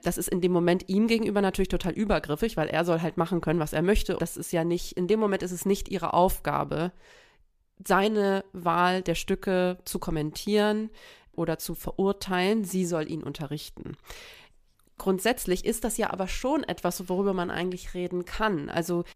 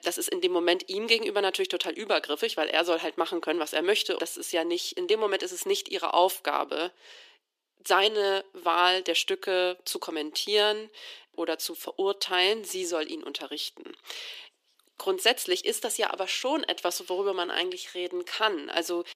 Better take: first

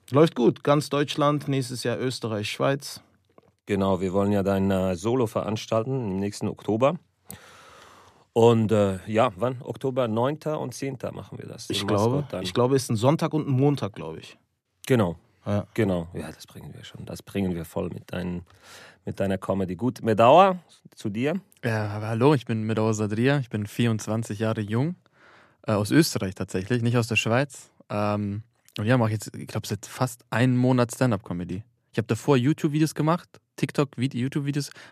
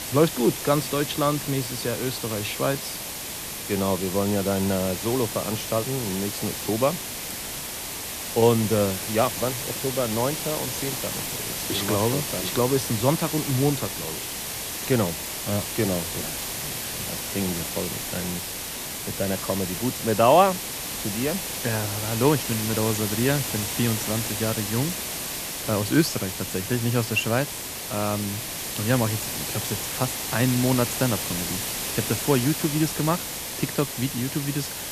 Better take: first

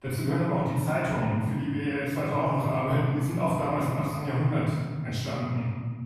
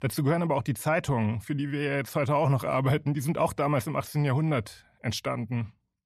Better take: second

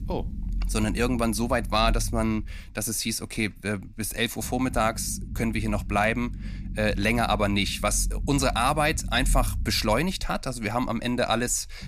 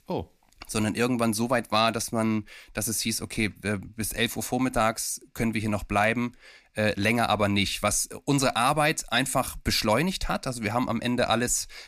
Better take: second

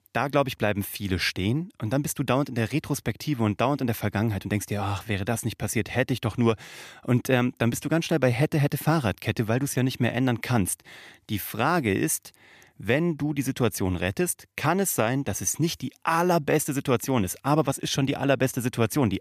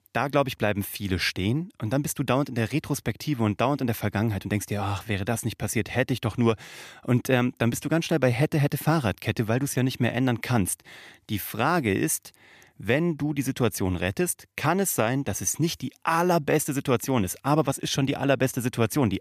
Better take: neither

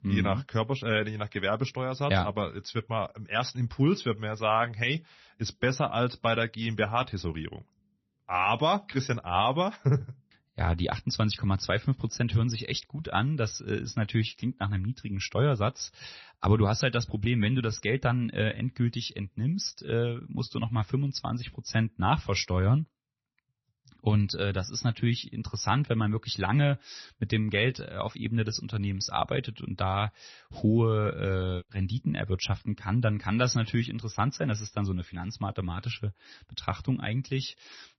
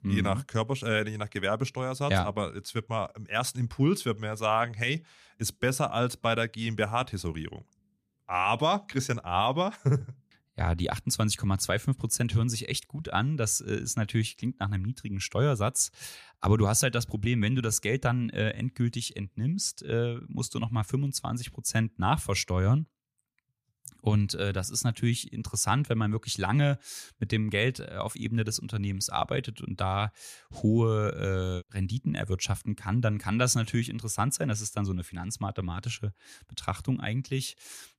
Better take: second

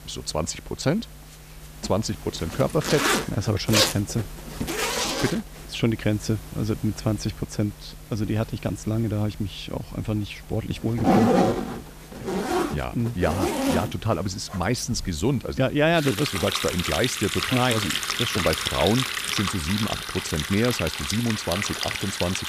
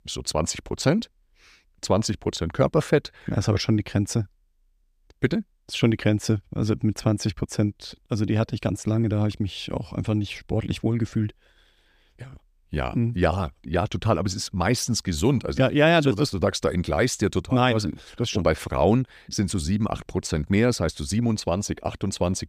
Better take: second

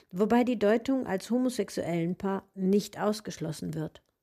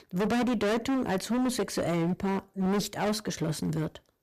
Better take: first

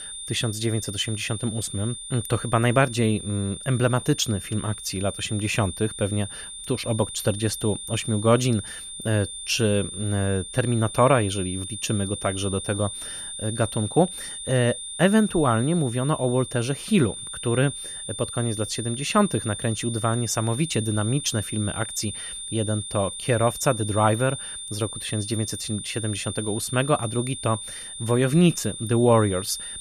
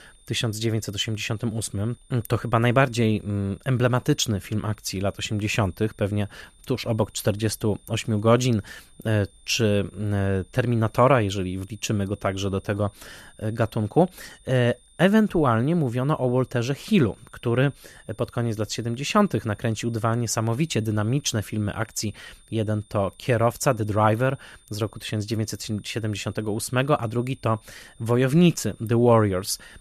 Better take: second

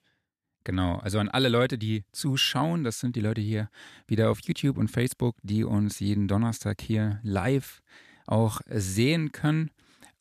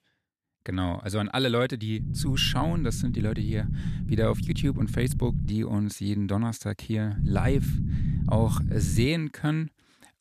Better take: first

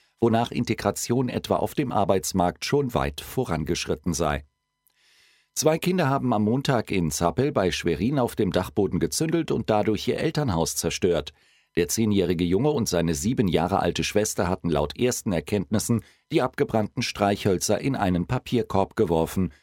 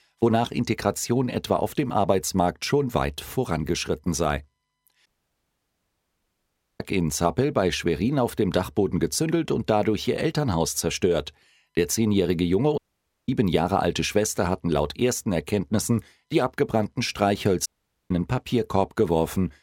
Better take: first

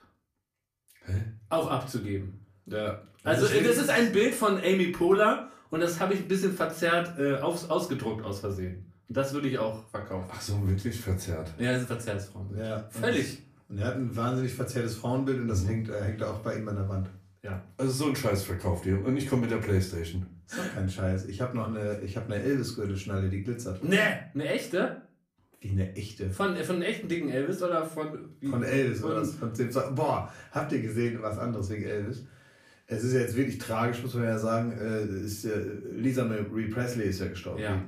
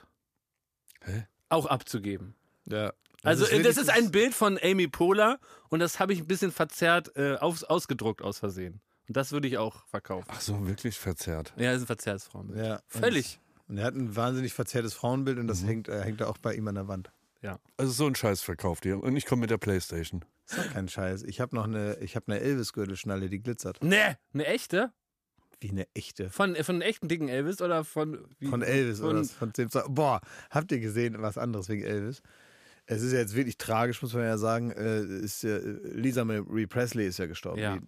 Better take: second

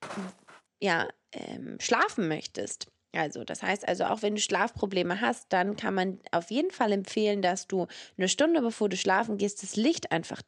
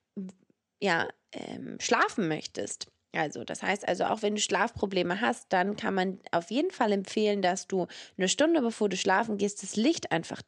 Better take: second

